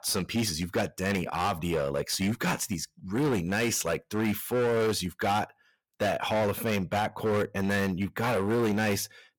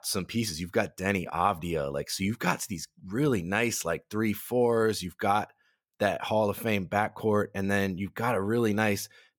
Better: second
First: distortion; heavy; 16% of the sound clipped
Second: none

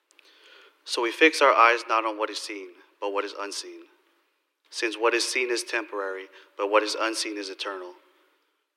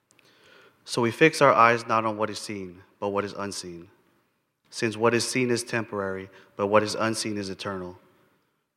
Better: second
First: thin; very; fading below 300 Hz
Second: none

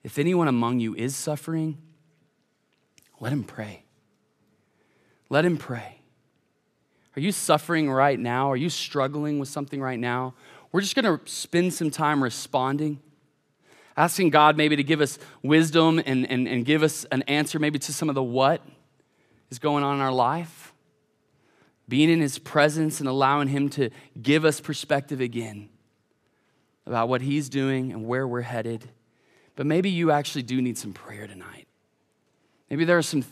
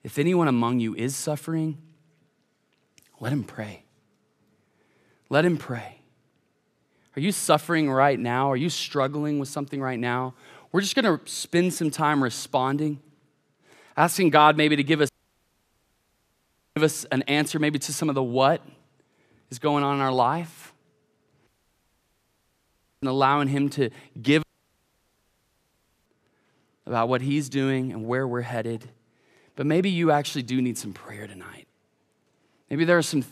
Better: first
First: none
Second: audio cutting out; at 15 s for 1.5 s, at 21 s for 1.5 s and at 24 s for 1.5 s

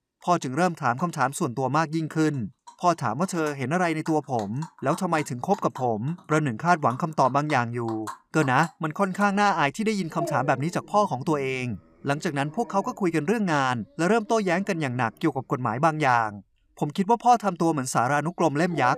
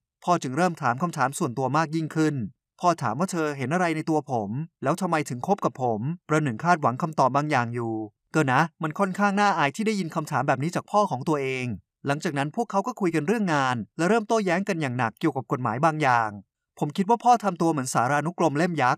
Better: second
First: animal sounds; noticeable; throughout; 20 dB below the speech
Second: none

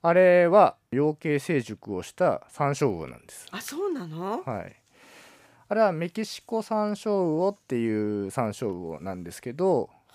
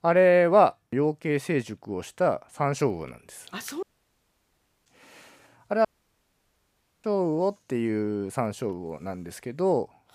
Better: first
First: none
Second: audio cutting out; at 4 s for 1 s and at 6 s for 1 s

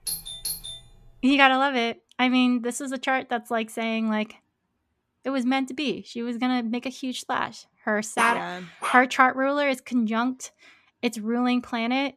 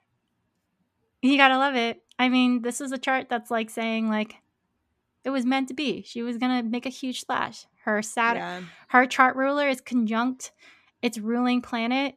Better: second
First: doorbell; noticeable; until 1 s; peak 6 dB below the speech // dog barking; noticeable; at 8 s; peak 3 dB below the speech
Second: none

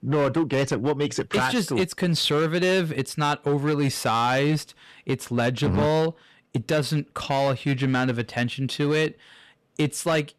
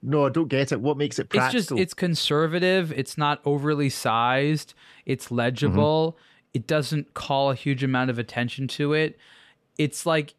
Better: second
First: distortion; slight; 10% of the sound clipped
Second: none

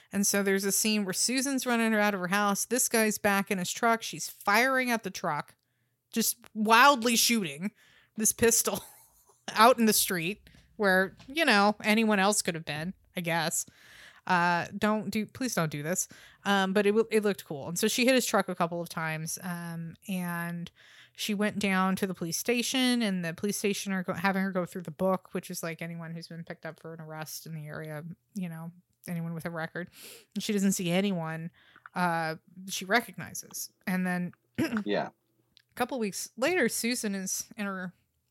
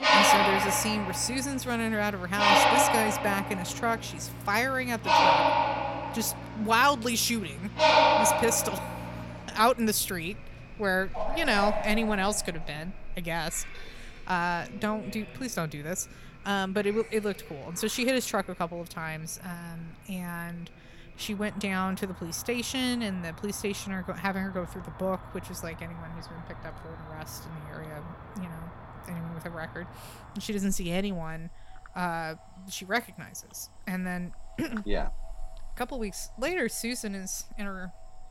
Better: first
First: none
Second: animal sounds; very loud; throughout; 3 dB above the speech

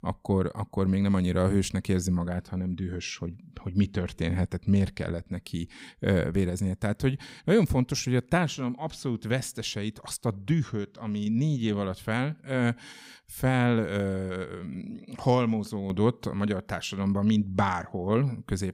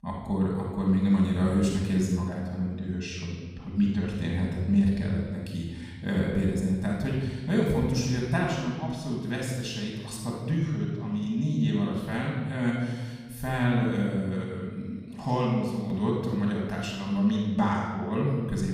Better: first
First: none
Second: room echo; noticeable; dies away in 1.4 s // off-mic speech; far

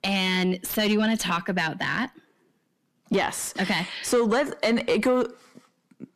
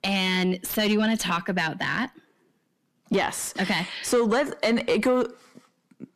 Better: neither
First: distortion; slight; 10 dB below the speech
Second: distortion; slight; 10 dB below the speech

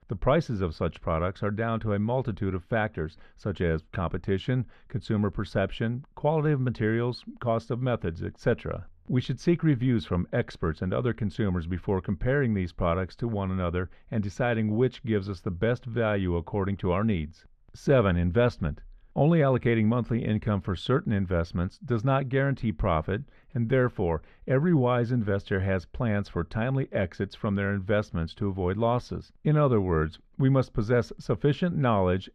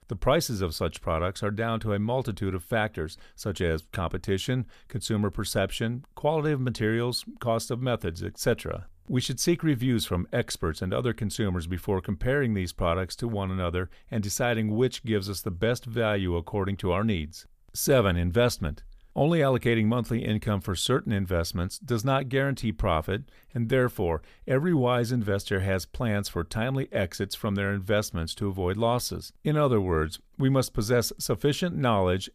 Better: second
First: muffled; slightly; fading above 2.5 kHz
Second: none

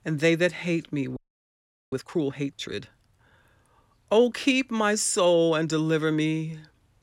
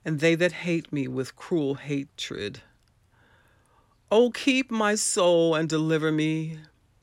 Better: second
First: audio freezing; at 1 s for 1 s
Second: none

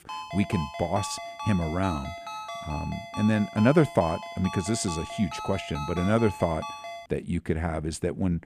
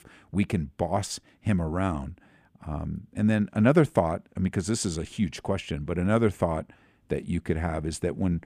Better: second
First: phone ringing; noticeable; until 7 s; peak 8 dB below the speech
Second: none

